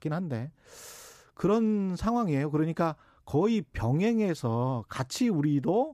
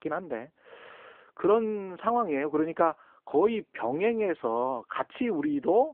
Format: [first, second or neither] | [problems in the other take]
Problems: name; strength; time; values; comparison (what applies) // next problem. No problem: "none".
first | phone-call audio